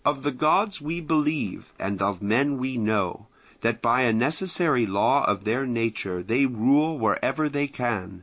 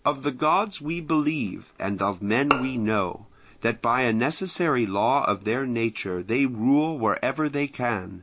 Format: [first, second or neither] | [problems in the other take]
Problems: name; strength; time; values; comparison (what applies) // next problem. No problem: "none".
first | background sound (Bowed string instrument); 7 dB below the speech